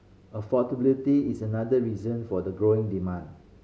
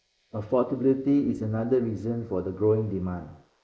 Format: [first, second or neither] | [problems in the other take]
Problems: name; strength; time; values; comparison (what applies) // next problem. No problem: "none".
first | noise reduction (neural mask model Resemble Enhance denoiser)